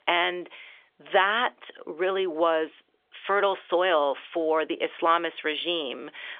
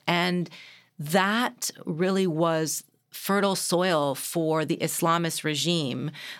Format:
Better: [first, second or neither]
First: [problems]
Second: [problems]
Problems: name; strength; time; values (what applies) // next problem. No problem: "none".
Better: second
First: phone-call audio; nothing above 3.5 kHz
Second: none